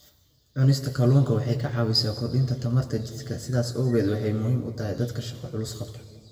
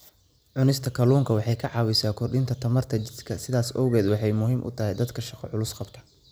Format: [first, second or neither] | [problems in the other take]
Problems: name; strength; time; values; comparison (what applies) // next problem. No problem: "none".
second | room echo; dies away in 1.5 s